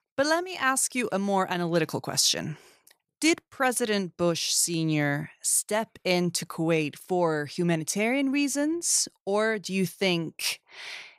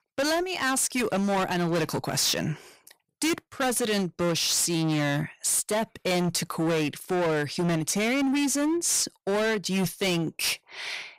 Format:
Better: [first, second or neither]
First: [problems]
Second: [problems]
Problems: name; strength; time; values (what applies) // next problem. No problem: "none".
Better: first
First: none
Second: distortion; heavy; 25% of the sound clipped